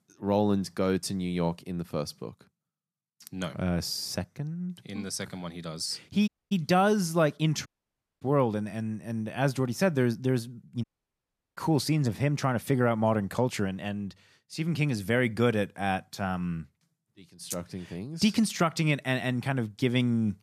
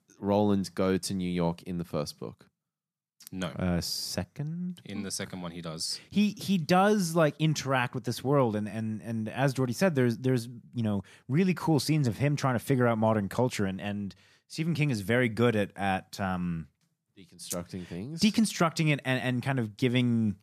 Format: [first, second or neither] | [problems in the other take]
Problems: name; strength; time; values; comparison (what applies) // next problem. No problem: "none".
second | audio cutting out; at 6.5 s, at 7.5 s for 0.5 s and at 11 s for 0.5 s